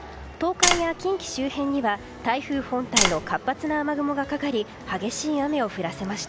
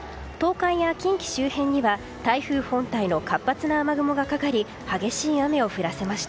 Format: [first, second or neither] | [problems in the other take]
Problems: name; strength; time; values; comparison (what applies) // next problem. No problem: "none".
second | background sound (Tap); 4 dB above the speech